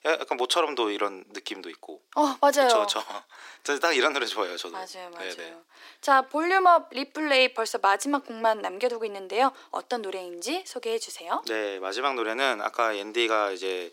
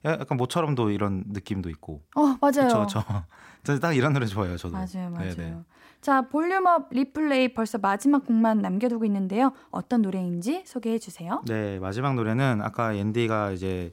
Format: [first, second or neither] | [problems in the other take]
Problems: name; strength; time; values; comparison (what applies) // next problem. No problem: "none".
second | thin; very; fading below 350 Hz